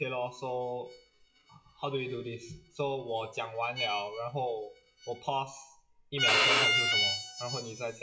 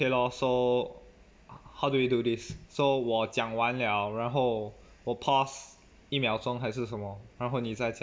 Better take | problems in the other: second | noise reduction (classical method WPE with log-MMSE)

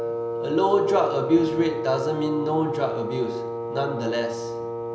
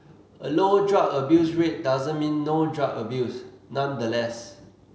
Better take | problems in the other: second | background sound (Wind instrument, woodwind instrument); 4 dB below the speech

